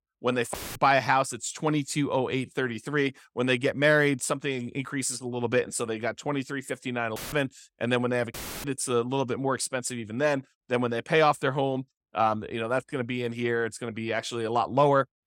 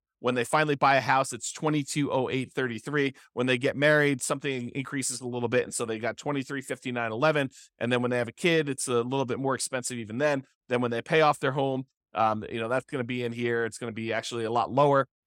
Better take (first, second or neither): second